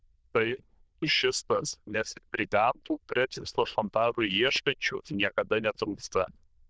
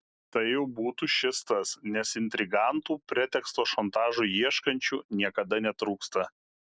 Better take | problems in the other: second | noise reduction (neural diffusion model UNIVERSE++)

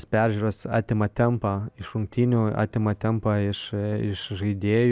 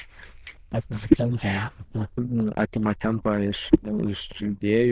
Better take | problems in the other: first | noise reduction (neural diffusion model UNIVERSE++)

